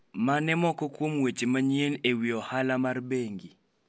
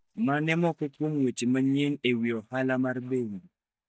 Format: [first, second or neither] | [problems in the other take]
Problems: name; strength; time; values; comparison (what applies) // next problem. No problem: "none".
first | noise reduction (neural mask model DeepFilterNet 3)